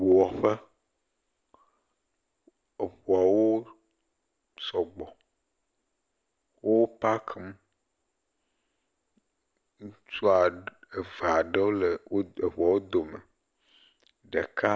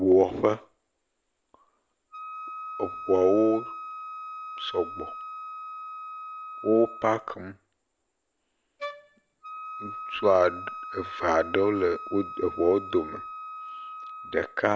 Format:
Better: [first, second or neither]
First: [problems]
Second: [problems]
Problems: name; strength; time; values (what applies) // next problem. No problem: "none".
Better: first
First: none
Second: background sound (Wind instrument, woodwind instrument + Wind instrument, woodwind instrument); 12 dB below the speech